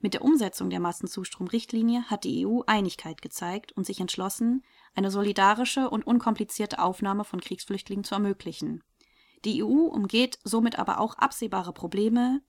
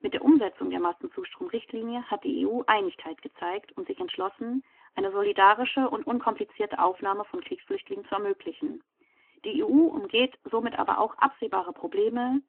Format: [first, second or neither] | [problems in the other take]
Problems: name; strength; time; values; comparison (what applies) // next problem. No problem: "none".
first | phone-call audio; nothing above 3 kHz